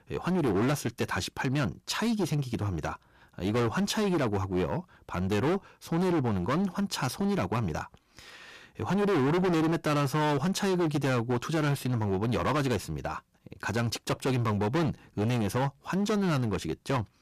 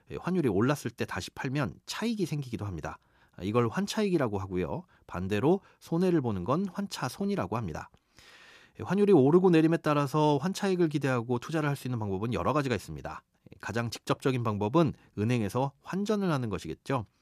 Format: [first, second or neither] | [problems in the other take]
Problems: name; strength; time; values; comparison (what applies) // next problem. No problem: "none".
second | distortion; heavy; 20% of the sound clipped